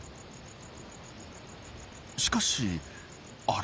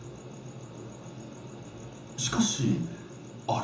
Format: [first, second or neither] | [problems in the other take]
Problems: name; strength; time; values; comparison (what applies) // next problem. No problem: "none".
first | room echo; dies away in 0.7 s